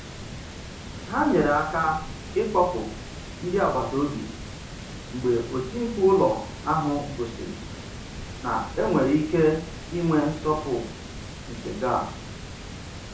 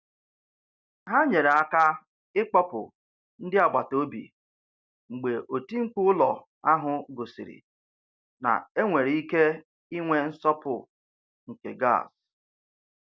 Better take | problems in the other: second | background sound (Water); 11 dB below the speech // room echo; dies away in 0.6 s

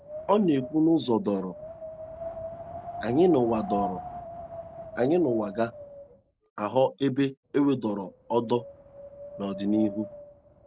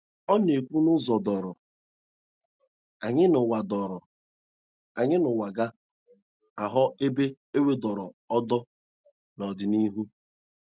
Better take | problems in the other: second | background sound (Wind); 12 dB below the speech

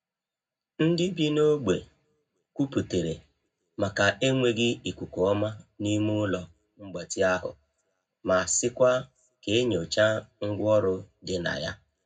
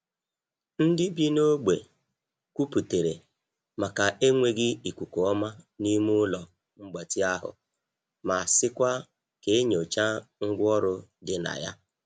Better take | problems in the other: second | room echo; dies away in 0.3 s

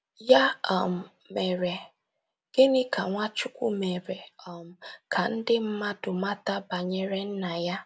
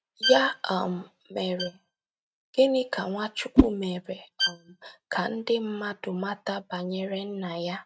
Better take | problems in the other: first | noise reduction (neural mask model RNNoise)

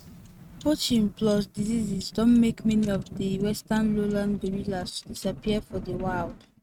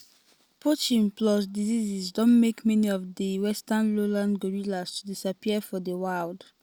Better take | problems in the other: second | noise reduction (neural mask model RNNoise)

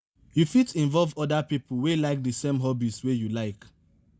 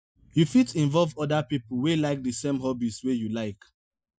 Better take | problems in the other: first | noise reduction (classical method Wiener filter)

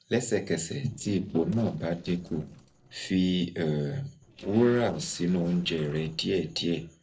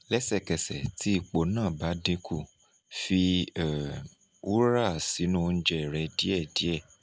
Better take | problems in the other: second | noise reduction (neural separator model SepFormer DNS4)

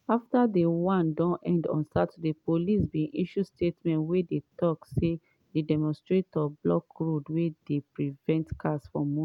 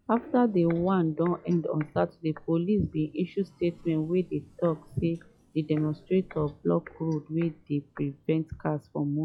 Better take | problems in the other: first | noise reduction (classical method log-MMSE)

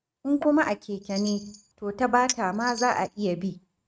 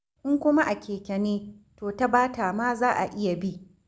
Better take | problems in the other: second | noise reduction (neural mask model RNNoise)

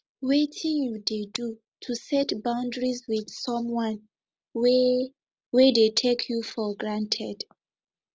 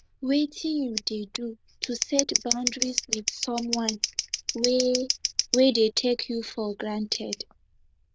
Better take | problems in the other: first | noise reduction (neural diffusion model UNIVERSE++)

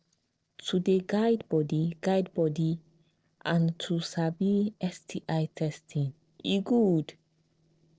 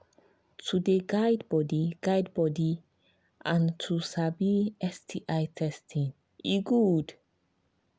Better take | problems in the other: second | noise reduction (neural separator model SepFormer DNS4)

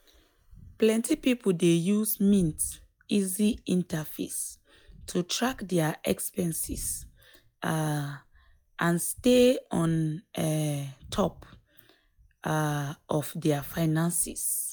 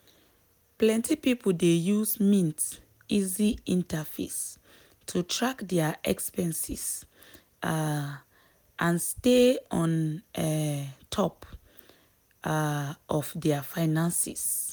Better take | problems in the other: second | noise reduction (classical method log-MMSE)

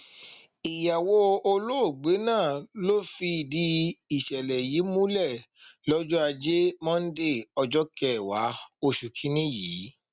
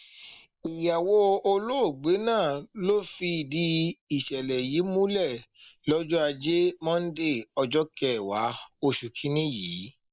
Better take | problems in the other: first | noise reduction (neural mask model Resemble Enhance denoiser)

